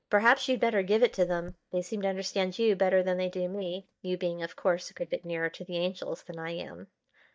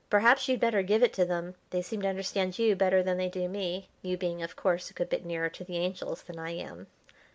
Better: second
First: noise reduction (neural mask model DeepFilterNet 3)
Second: none

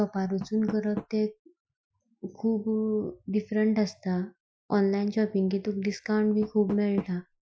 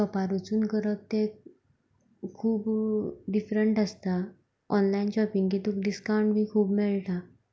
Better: second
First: noise reduction (classical method Wiener filter)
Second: none

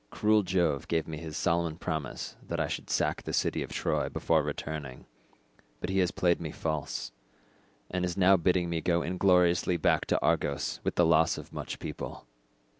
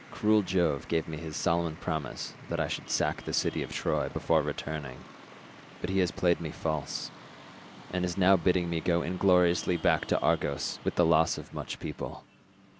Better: first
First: none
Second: background sound (Traffic noise, roadway noise); 19 dB below the speech

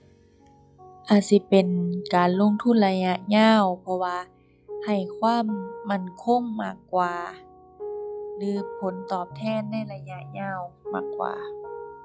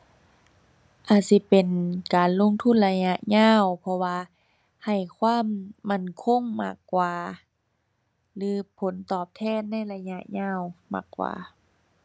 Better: second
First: noise reduction (classical method log-MMSE)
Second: none

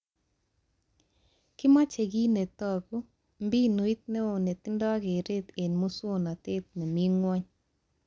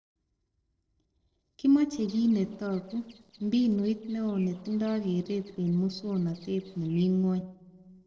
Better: first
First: none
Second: noise reduction (neural separator model SepFormer DNS4)

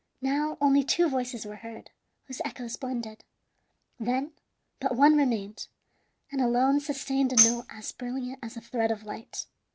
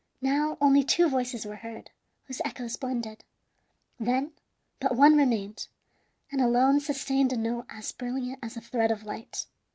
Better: second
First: background sound (Tambourine); as loud as the speech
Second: none

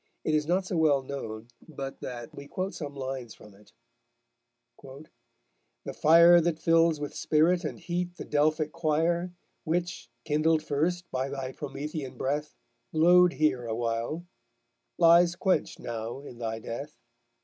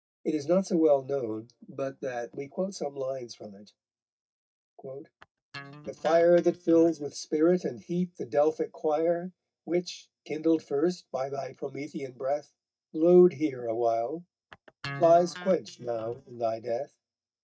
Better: first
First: none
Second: noise reduction (neural mask model DeepFilterNet 3)

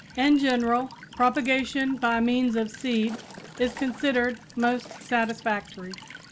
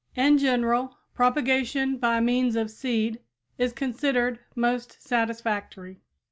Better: second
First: background sound (Walk, footsteps / Stream / Trickle, dribble / Chirp, tweet); 18 dB below the speech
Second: none

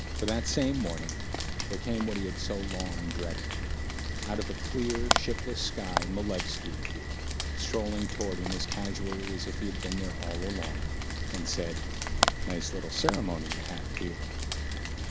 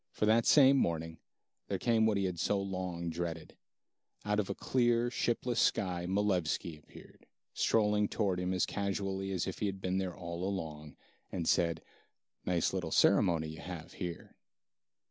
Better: second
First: background sound (Rain); 3 dB above the speech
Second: none

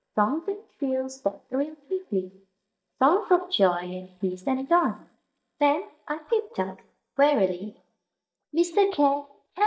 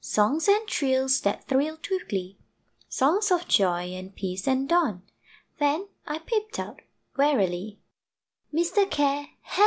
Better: second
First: noise reduction (neural mask model DeepFilterNet 3)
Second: none

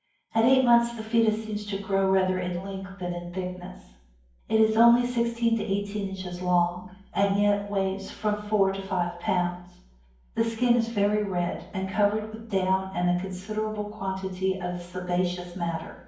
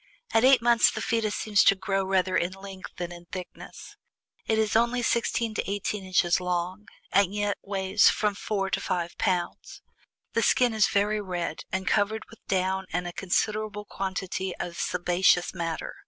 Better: second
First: room echo; dies away in 0.9 s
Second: none

